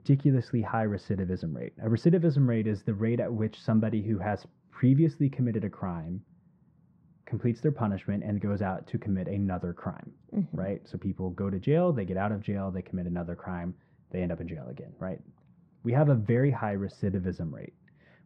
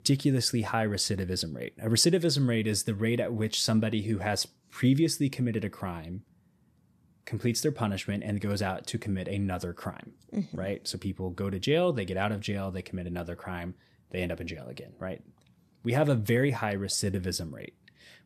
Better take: second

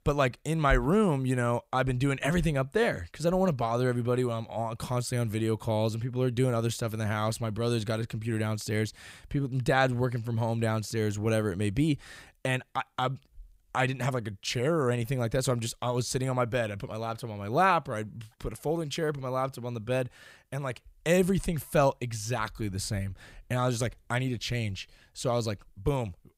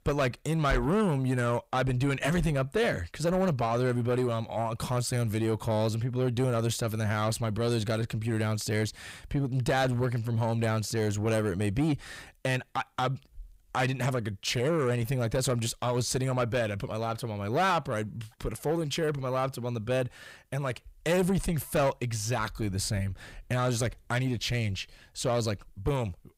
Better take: first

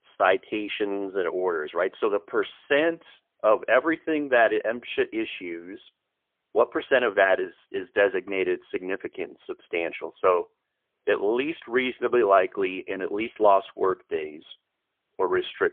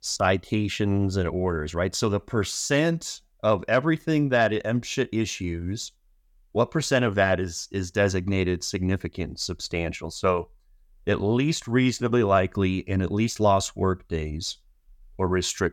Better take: second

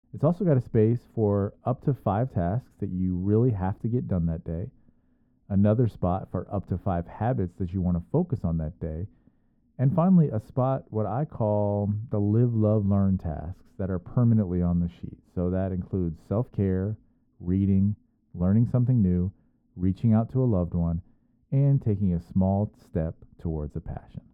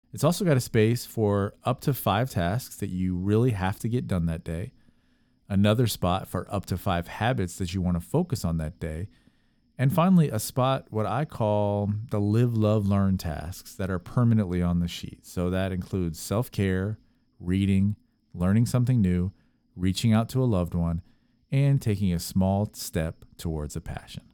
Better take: second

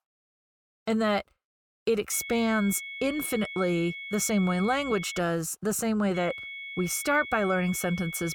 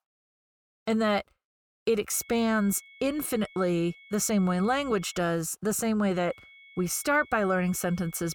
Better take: second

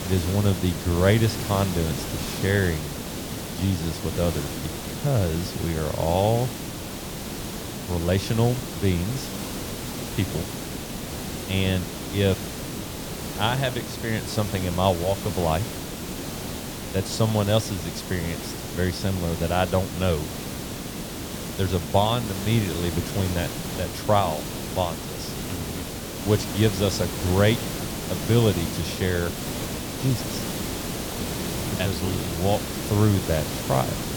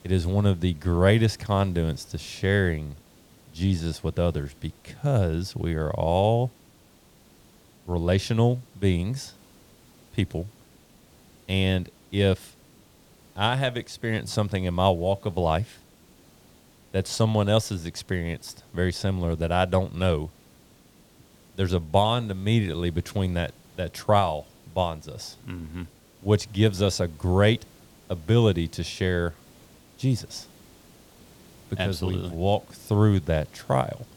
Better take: second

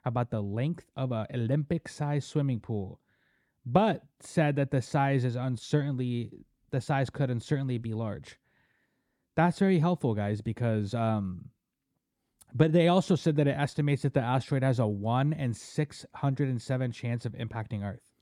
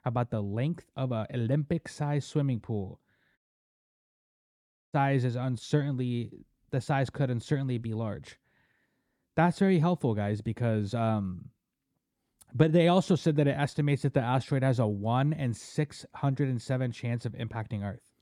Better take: first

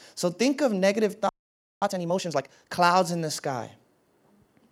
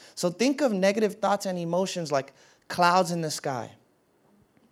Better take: second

